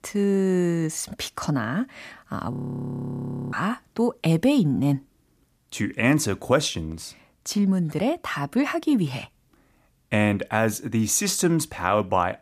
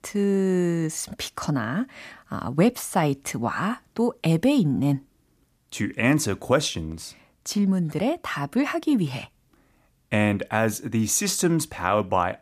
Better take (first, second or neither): second